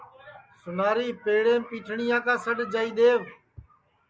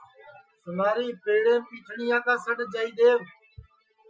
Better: first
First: none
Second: noise reduction (classical method Wiener filter)

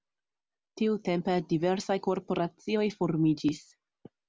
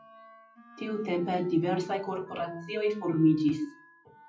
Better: first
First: none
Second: noise reduction (classical method WPE with log-MMSE)

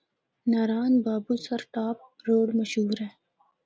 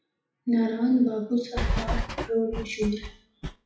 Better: first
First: none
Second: noise reduction (classical method WPE with log-MMSE)

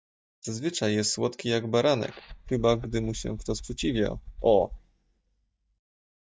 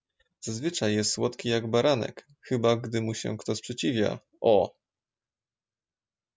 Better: second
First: noise reduction (neural mask model DeepFilterNet 3)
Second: none

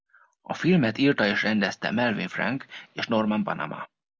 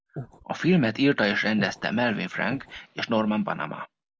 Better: first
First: none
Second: background sound (Breathing); 12 dB below the speech

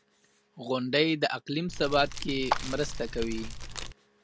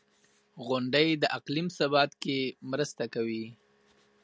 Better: second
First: background sound (Fire + Clapping); 3 dB below the speech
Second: none

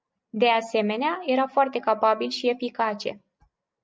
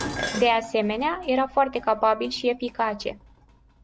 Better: first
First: none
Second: background sound (Dishes, pots, and pans); 13 dB below the speech

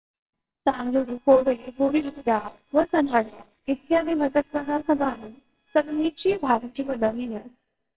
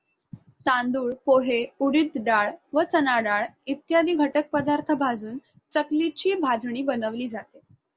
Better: second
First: noise reduction (neural separator model SepFormer WHAMR!)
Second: none

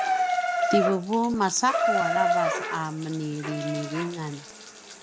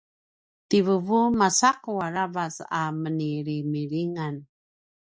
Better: second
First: background sound (Bathtub (filling or washing) / Water tap, faucet); 1 dB above the speech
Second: none

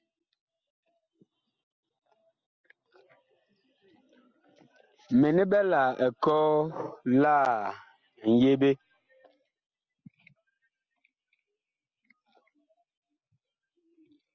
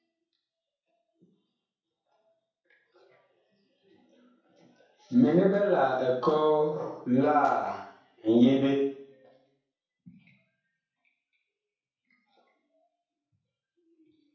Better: first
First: none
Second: room echo; dies away in 0.7 s

